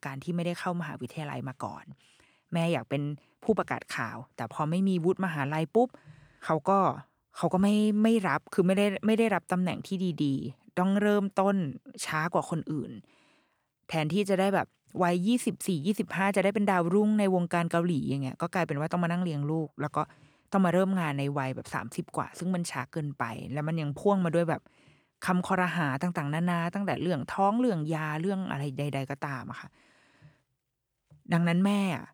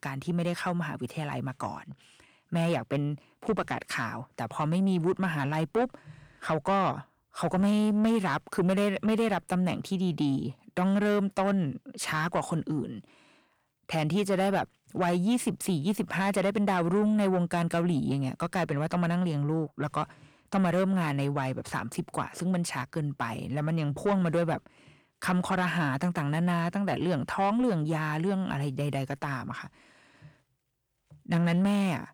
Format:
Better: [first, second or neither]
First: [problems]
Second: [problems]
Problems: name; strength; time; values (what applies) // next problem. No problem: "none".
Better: first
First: none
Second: distortion; slight; 10 dB below the speech